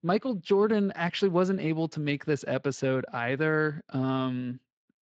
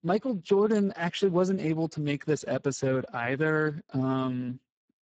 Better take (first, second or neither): first